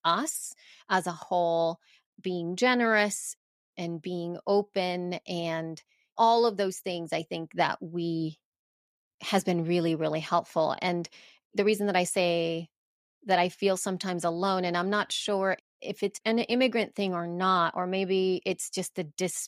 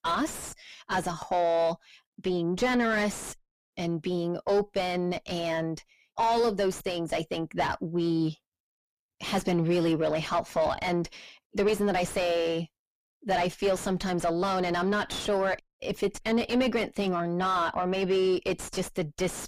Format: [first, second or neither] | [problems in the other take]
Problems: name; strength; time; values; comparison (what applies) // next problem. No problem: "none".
first | distortion; heavy; 4 dB below the speech